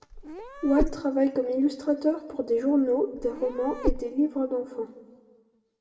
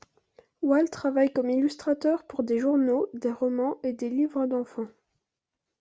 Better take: second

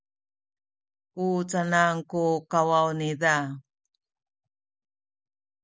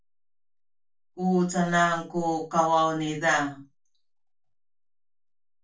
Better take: first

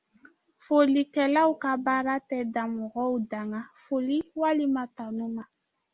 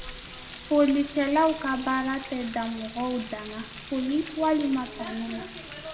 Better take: first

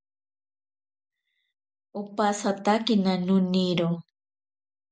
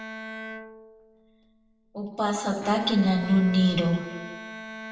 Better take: first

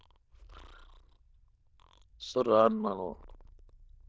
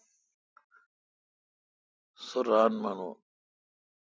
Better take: second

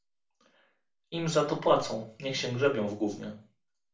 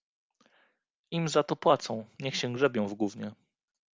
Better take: second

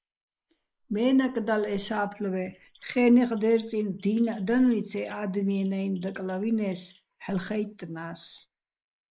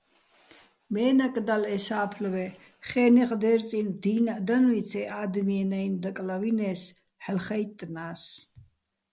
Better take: second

